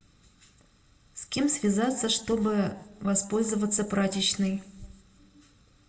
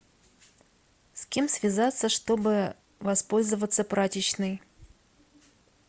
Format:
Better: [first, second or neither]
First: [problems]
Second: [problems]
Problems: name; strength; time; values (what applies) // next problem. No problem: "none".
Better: second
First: room echo; dies away in 0.7 s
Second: none